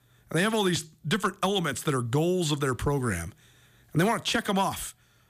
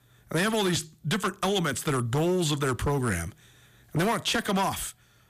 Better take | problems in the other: first | distortion; slight; 12% of the sound clipped

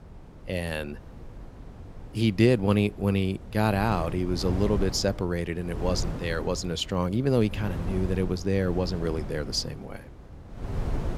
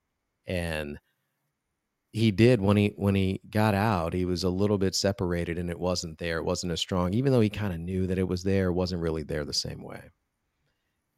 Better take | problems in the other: second | wind noise on the microphone; occasional gusts; 15 dB below the speech

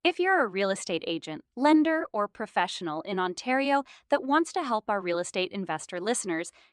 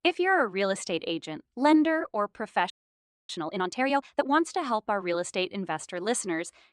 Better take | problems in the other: first | audio freezing; at 2.5 s for 0.5 s

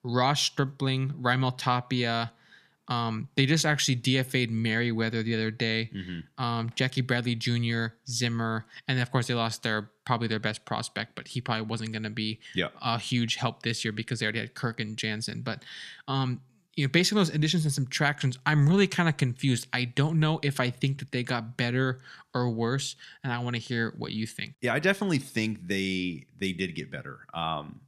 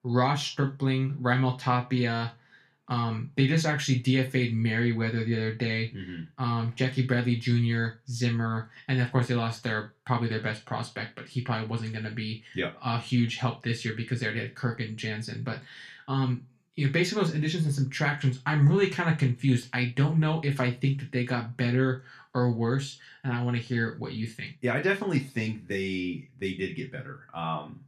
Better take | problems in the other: first | room echo; very slight; dies away in 0.2 s // off-mic speech; somewhat distant

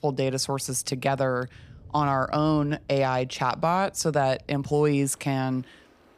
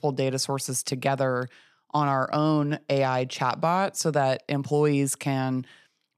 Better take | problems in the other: second | rain or running water; faint; throughout; 25 dB below the speech

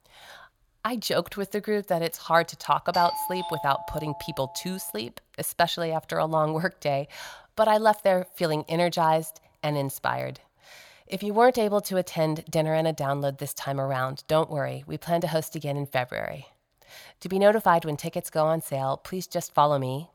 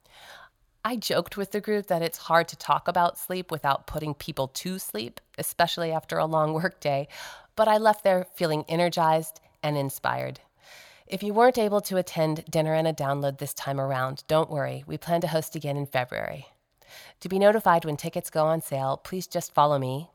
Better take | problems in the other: second | doorbell; noticeable; from 3 to 5 s; peak 5 dB below the speech

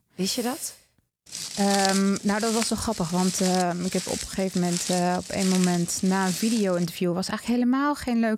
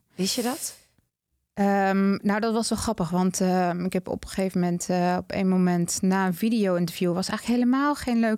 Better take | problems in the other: second | footsteps; noticeable; from 1.5 to 7 s; peak 1 dB below the speech

